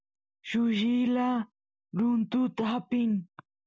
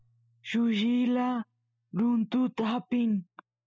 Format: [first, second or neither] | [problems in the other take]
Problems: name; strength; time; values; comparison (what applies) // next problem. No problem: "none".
first | noise reduction (classical method spectral subtraction)